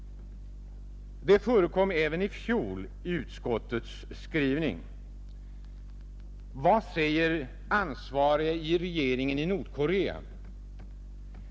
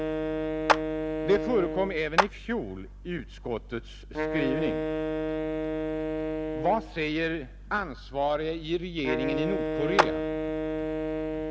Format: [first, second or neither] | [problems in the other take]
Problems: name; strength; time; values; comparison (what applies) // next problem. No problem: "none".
first | background sound (Wind instrument, woodwind instrument + Clapping); 1 dB above the speech